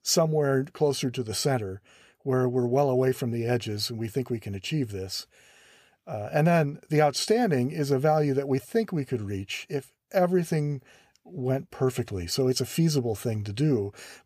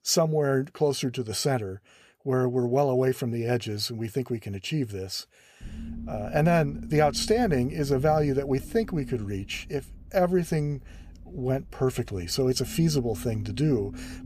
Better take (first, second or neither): first